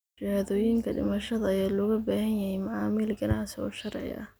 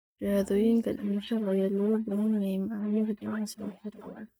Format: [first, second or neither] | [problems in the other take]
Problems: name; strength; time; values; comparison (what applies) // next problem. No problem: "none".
first | noise reduction (neural mask model DeepFilterNet 3)